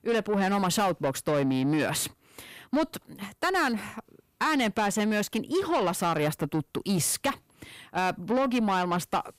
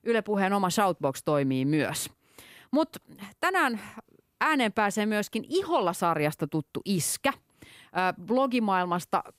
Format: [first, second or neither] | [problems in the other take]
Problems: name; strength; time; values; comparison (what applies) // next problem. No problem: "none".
second | distortion; slight; 10 dB below the speech